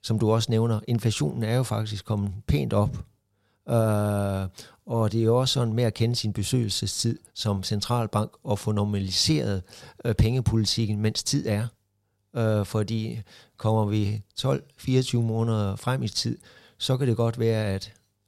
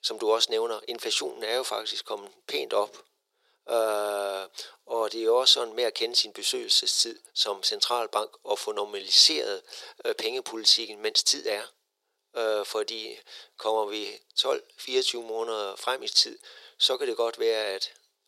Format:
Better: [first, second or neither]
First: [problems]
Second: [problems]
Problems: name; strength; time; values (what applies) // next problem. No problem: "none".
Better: first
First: none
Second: thin; very; fading below 400 Hz